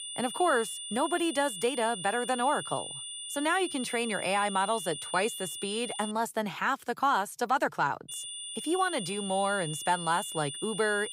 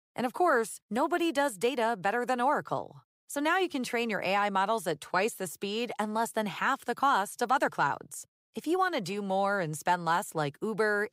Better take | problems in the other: second | high-pitched whine; loud; until 6 s and from 8 s on; 3.5 kHz, 7 dB below the speech

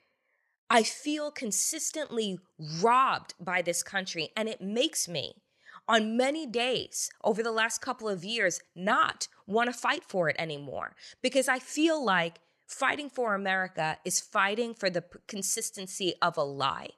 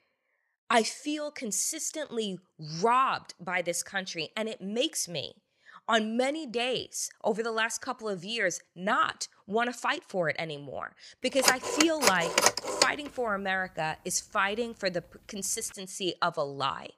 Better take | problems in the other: first | phone ringing; loud; from 11 to 13 s; peak 7 dB above the speech

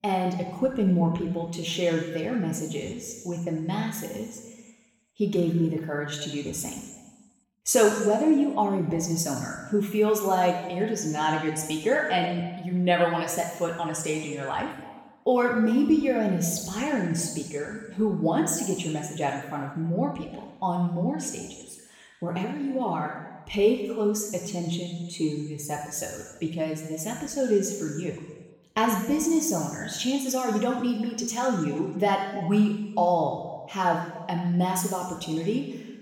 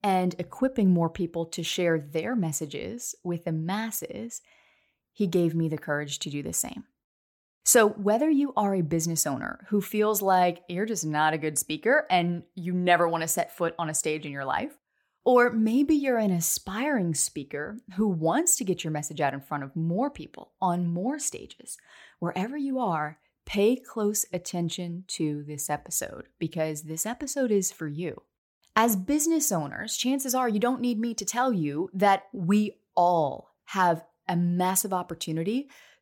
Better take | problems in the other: second | room echo; noticeable; dies away in 1.1 s // off-mic speech; somewhat distant

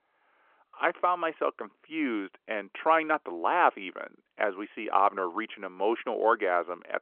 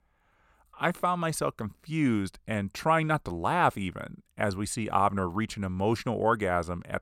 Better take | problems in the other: second | phone-call audio

